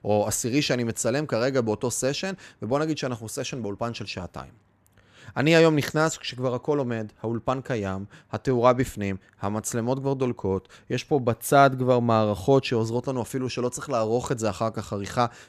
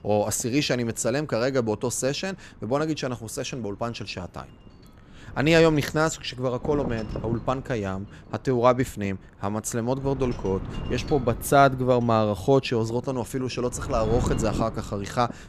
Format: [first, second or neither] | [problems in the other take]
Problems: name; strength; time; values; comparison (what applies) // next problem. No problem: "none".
first | wind noise on the microphone; occasional gusts; 15 dB below the speech